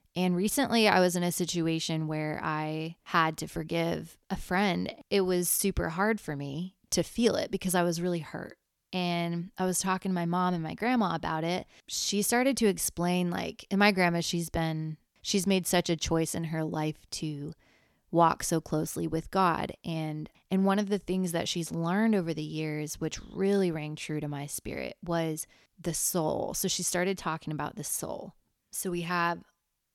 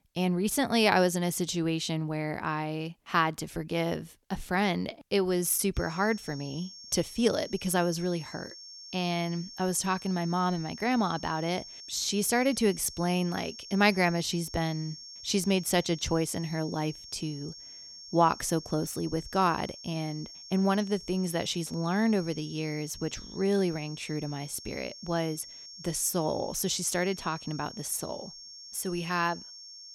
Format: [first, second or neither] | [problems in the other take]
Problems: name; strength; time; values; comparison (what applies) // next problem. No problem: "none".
first | high-pitched whine; noticeable; from 6 s on; 5.5 kHz, 15 dB below the speech